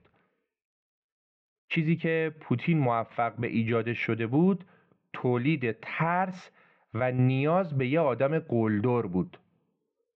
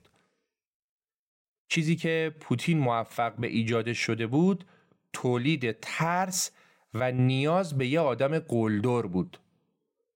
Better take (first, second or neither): second